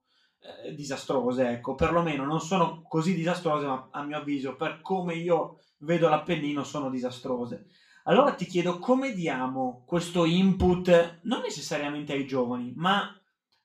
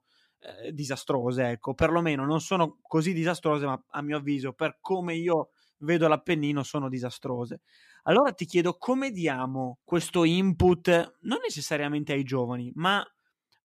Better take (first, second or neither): second